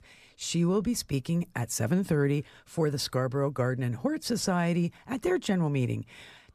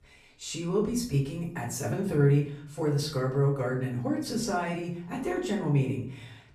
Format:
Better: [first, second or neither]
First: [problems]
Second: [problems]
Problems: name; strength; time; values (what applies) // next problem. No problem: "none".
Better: first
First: none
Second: off-mic speech; far // room echo; slight; dies away in 0.5 s